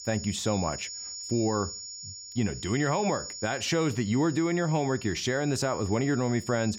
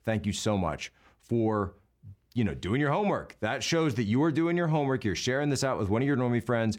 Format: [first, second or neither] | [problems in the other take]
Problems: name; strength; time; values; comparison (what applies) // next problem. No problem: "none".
second | high-pitched whine; noticeable; throughout; 7 kHz, 10 dB below the speech